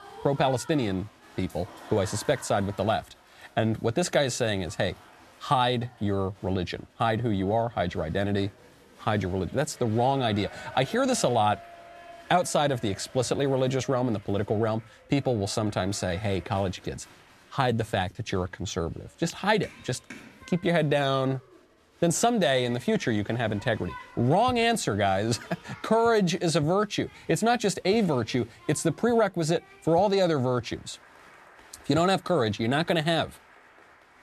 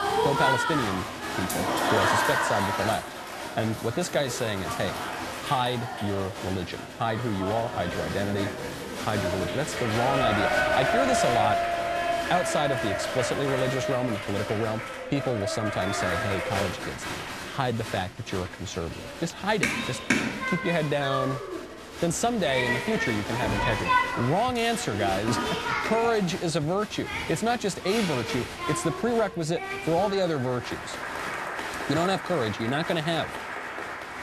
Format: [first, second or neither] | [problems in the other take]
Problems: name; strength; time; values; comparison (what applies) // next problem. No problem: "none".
first | crowd noise; loud; throughout; 1 dB below the speech; faint in the first